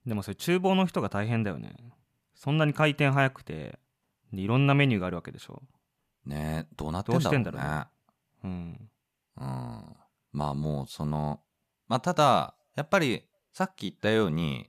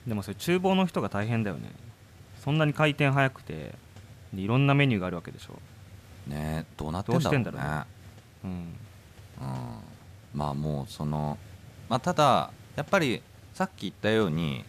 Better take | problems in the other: first | hiss; faint; throughout; 20 dB below the speech

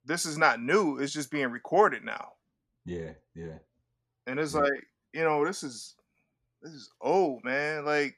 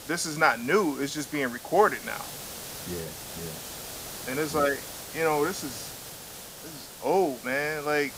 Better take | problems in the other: first | hiss; noticeable; throughout; 10 dB below the speech

